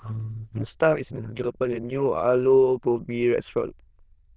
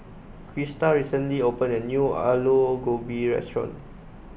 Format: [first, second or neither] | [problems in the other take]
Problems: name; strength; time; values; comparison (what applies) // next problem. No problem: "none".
second | noise reduction (neural diffusion model UNIVERSE++)